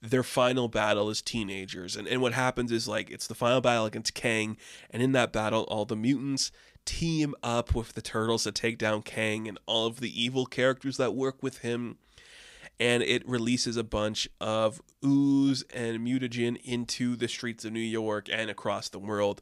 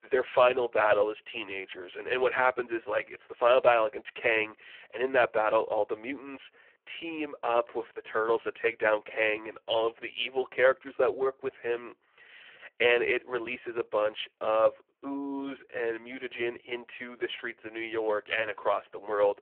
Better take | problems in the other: first | phone-call audio; poor line

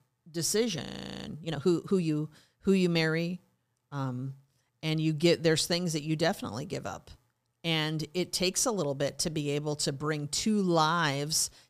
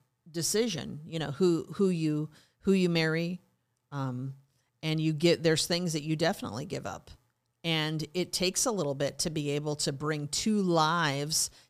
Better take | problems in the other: second | audio freezing; at 1 s

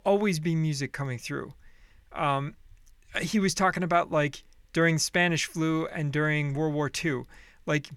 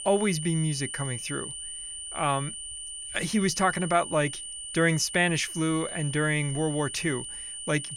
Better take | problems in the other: first | high-pitched whine; loud; throughout; 9 kHz, 8 dB below the speech

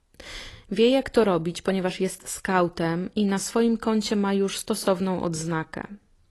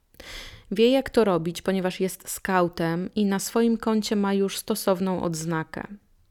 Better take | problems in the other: second | garbled, watery; slightly; nothing above 11.5 kHz

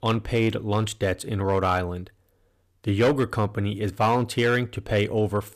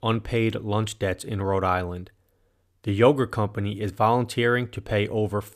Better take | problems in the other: second | distortion; slight; 4% of the sound clipped

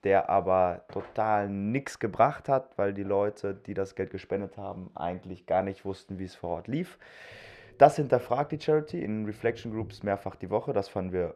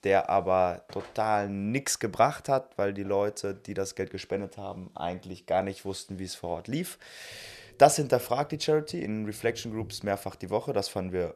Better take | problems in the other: second | muffled; slightly; fading above 3.5 kHz

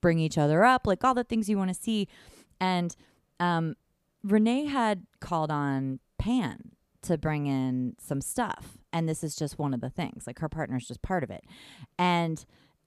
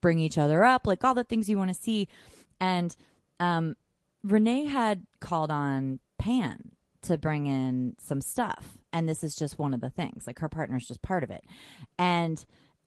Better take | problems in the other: first | garbled, watery; slightly

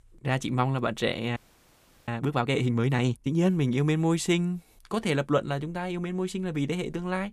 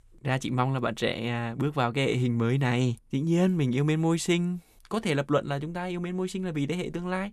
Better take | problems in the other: second | audio freezing; at 1.5 s for 0.5 s

